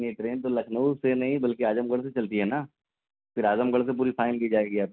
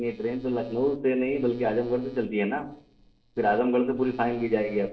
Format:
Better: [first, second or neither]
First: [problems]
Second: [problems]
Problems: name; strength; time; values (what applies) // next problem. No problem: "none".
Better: first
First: none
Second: noise reduction (neural separator model SepFormer DNS4)